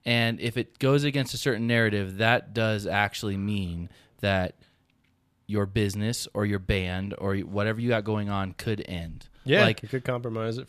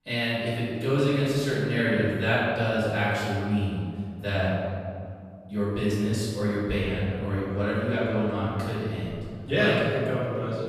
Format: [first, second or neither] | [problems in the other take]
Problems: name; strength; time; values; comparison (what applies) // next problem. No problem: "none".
first | room echo; strong; dies away in 2.2 s // off-mic speech; far